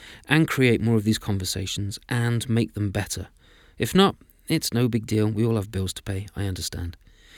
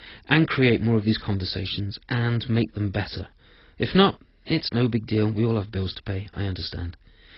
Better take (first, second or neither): first